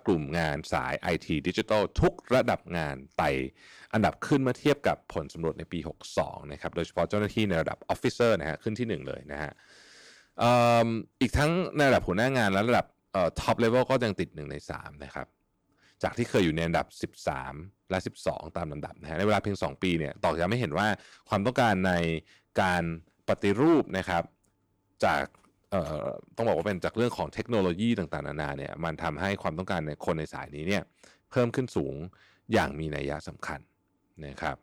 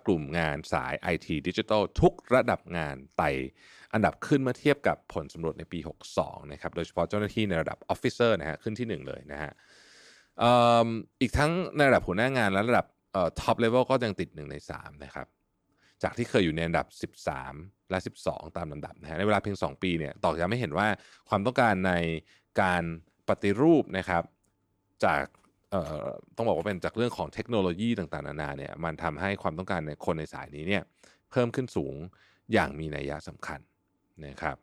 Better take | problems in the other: second | distortion; slight; 3% of the sound clipped

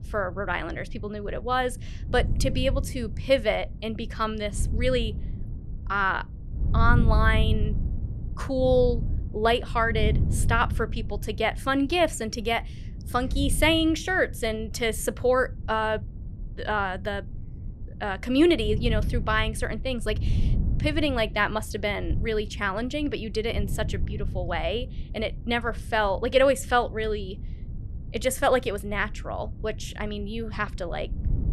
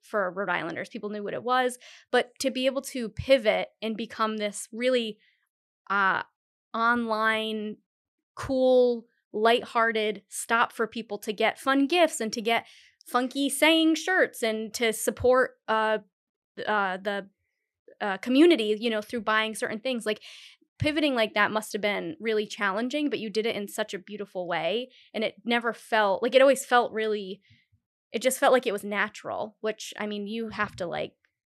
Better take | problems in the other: second | wind noise on the microphone; occasional gusts; 20 dB below the speech

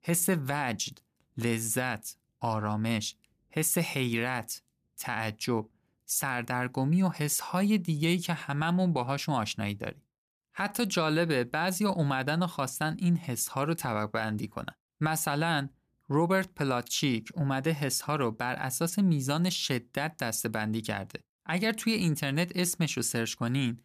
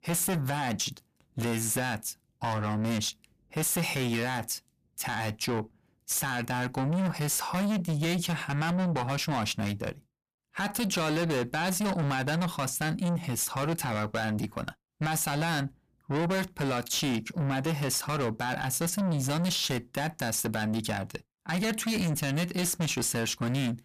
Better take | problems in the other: first | distortion; heavy; 6 dB below the speech

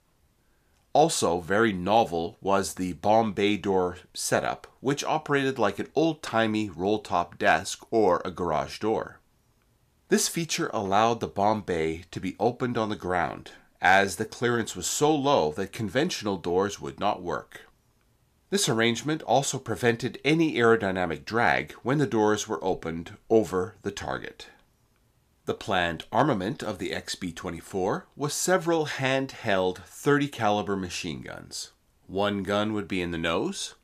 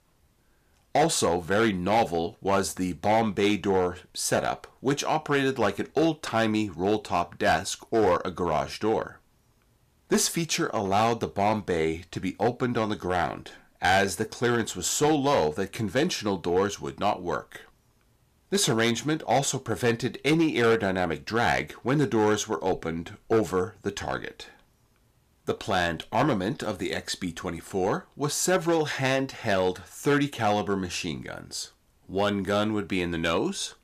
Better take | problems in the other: first | distortion; slight; 3% of the sound clipped

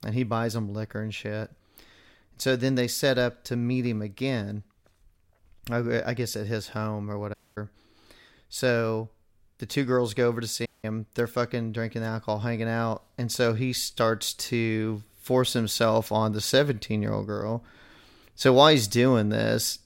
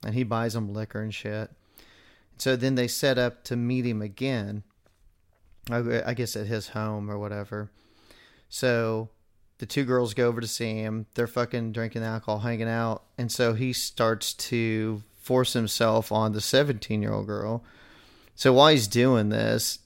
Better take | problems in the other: second | audio cutting out; at 7.5 s and at 11 s

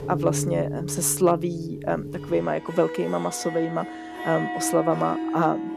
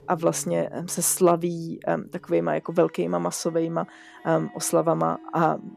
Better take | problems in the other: second | background music; loud; throughout; 7 dB below the speech; faint in the second

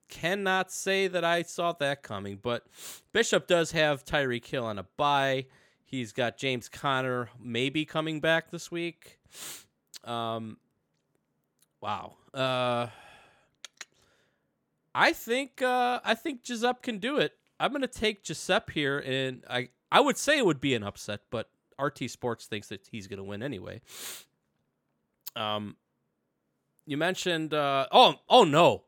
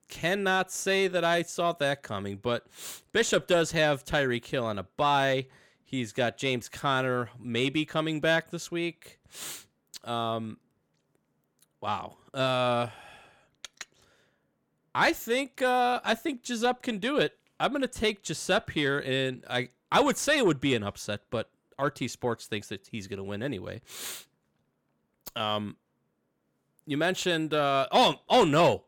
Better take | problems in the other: first | distortion; slight; 10 dB below the speech

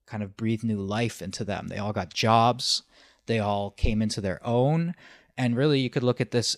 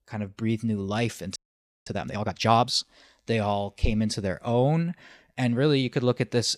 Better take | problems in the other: first | audio freezing; at 1.5 s for 0.5 s

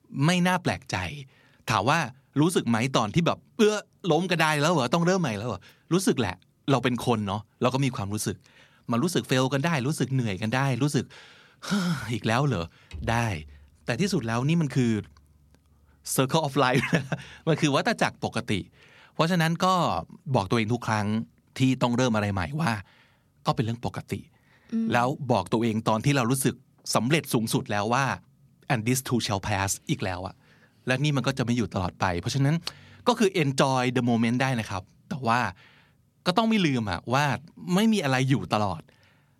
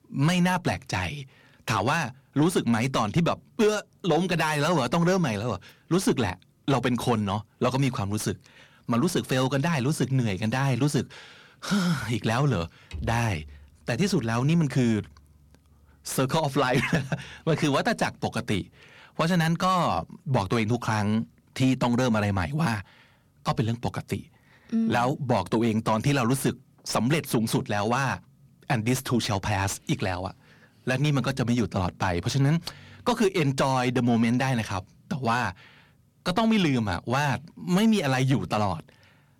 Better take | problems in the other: first | distortion; slight; 10 dB below the speech

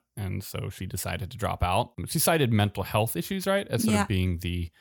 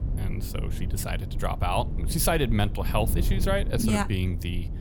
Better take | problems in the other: first | low rumble; noticeable; throughout; 15 dB below the speech

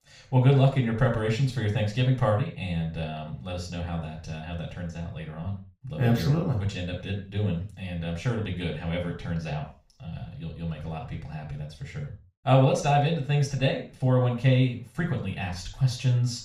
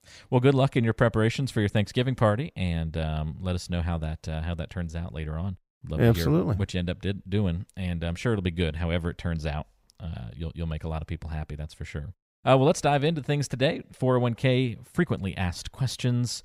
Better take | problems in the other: second | room echo; noticeable; dies away in 0.4 s // off-mic speech; far

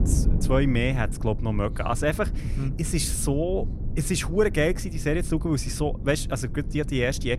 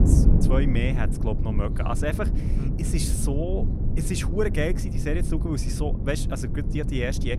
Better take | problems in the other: first | wind noise on the microphone; heavy; 6 dB below the speech; occasional gusts in the first

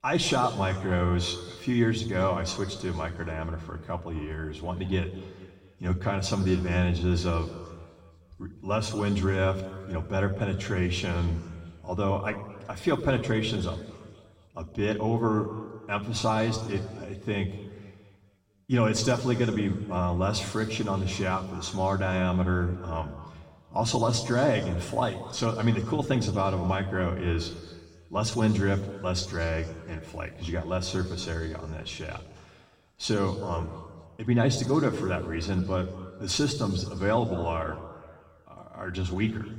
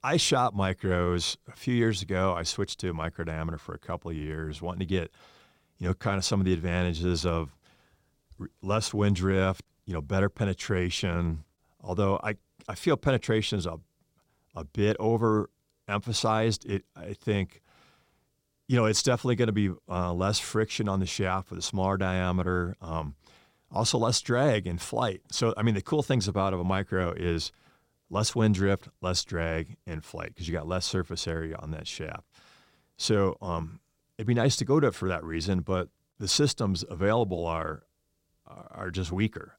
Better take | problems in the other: second | room echo; noticeable; dies away in 1.7 s // off-mic speech; far

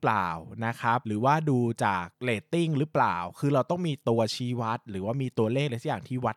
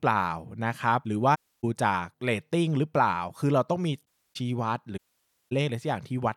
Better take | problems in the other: first | audio cutting out; at 1.5 s, at 4 s and at 5 s for 0.5 s

